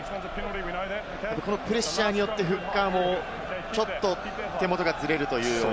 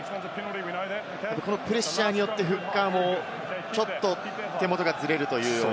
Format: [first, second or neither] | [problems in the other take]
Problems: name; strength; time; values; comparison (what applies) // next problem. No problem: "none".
second | background sound (Wild animals); 16 dB below the speech